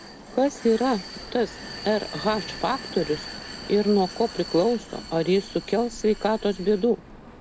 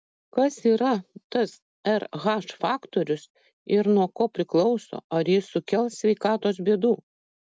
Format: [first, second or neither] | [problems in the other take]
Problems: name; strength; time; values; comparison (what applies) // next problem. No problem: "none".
second | background sound (Vehicle); 14 dB below the speech